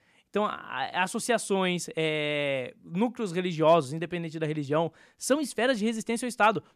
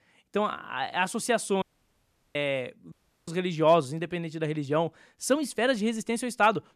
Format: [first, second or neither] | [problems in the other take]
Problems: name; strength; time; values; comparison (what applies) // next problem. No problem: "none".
first | audio cutting out; at 1.5 s for 0.5 s and at 3 s